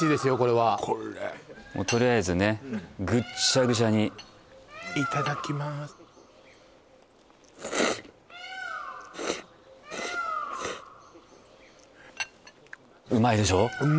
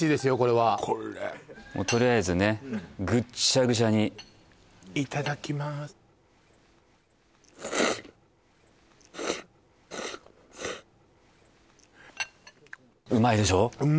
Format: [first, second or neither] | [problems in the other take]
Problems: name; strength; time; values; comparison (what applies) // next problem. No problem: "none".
second | background sound (Bird); 12 dB below the speech